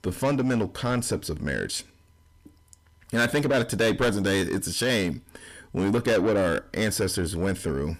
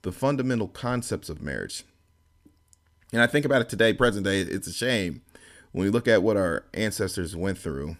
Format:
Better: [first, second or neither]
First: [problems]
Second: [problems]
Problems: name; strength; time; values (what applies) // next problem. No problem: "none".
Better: second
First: distortion; heavy; 8 dB below the speech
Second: none